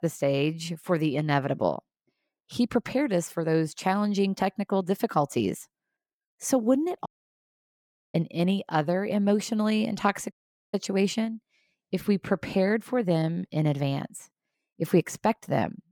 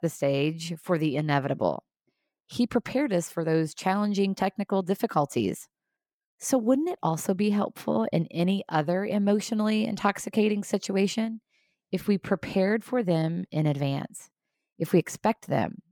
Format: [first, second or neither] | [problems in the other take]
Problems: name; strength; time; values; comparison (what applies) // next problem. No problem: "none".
second | audio cutting out; at 7 s for 1 s and at 10 s